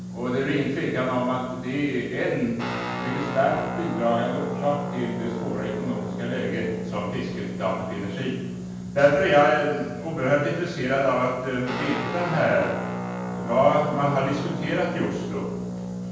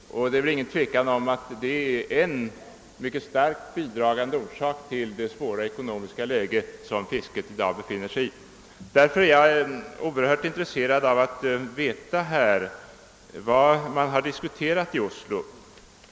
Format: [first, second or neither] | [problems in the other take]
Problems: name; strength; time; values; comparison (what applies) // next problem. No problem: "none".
second | background sound (Guitar); 7 dB below the speech // room echo; dies away in 1.2 s